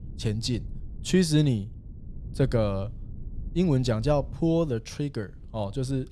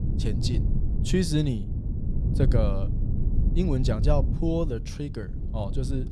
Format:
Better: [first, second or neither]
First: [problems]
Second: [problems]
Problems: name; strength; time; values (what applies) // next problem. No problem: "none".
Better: first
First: low rumble; faint; throughout; 25 dB below the speech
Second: low rumble; loud; throughout; 9 dB below the speech